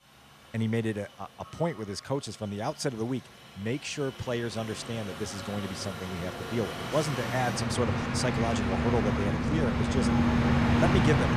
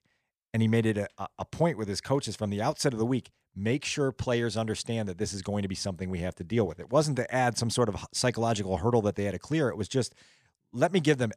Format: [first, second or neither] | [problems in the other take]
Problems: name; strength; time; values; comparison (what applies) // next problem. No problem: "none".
second | train or aircraft noise; very loud; throughout; 3 dB above the speech